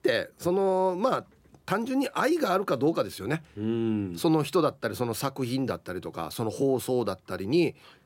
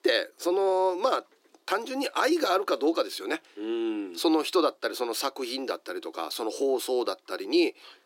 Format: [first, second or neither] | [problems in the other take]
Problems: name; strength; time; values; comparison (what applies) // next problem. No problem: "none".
first | thin; somewhat; fading below 300 Hz